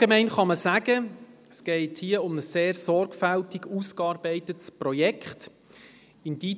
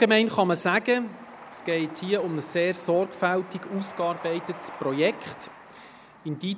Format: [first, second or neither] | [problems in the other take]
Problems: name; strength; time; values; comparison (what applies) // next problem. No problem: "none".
first | background sound (Train); 17 dB below the speech